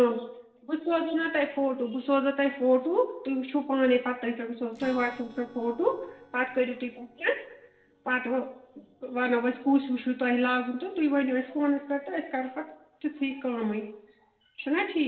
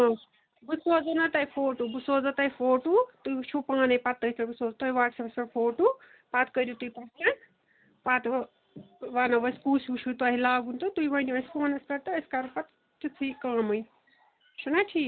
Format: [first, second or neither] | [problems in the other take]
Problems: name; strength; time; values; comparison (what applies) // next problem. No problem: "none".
second | noise reduction (neural separator model SepFormer DNS4)